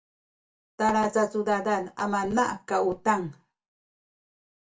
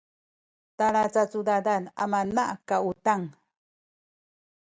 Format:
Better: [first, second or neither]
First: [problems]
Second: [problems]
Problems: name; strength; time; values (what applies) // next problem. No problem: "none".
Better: second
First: room echo; dies away in 0.2 s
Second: none